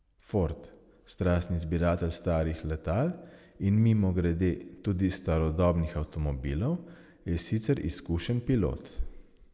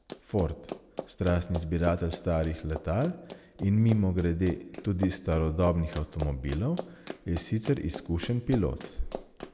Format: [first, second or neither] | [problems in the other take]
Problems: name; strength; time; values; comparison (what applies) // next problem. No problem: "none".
first | background sound (Run); 14 dB below the speech